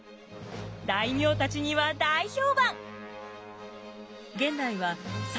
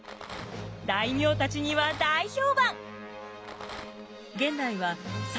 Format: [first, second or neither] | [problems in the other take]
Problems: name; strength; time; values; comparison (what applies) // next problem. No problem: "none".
first | background sound (Rattle); 15 dB below the speech